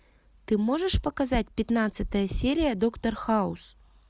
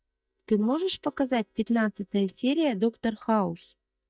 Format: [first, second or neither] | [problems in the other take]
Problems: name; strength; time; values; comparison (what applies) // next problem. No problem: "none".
first | noise reduction (neural mask model DeepFilterNet 3)